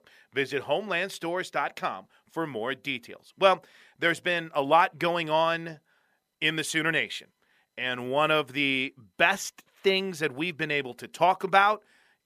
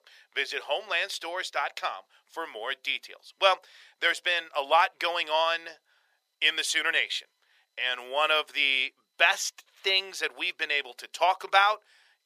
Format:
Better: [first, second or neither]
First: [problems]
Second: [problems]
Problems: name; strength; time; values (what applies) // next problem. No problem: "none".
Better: first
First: none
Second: thin; very; fading below 550 Hz